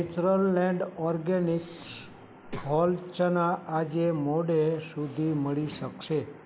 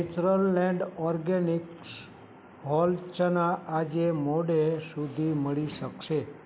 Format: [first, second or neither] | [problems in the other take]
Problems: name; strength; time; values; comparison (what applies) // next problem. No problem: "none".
second | background sound (Breathing); 16 dB below the speech